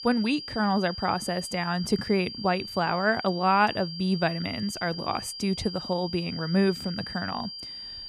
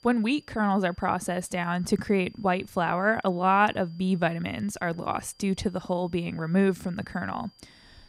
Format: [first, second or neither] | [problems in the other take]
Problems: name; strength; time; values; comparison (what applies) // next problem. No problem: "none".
second | high-pitched whine; loud; throughout; 5 kHz, 9 dB below the speech; faint in the second